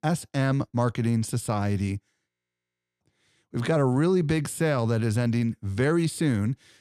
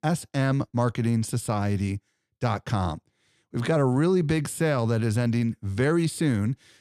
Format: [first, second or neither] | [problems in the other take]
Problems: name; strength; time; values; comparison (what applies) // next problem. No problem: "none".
second | audio freezing; at 2.5 s for 0.5 s